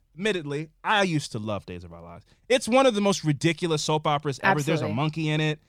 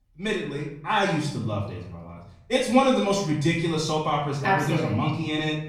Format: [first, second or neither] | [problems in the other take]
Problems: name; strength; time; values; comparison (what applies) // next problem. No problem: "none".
first | off-mic speech; far // room echo; noticeable; dies away in 0.7 s